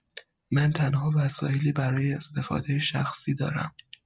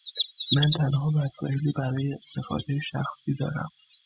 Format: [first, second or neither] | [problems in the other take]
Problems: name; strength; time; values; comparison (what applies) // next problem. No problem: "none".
first | noise reduction (classical method spectral subtraction)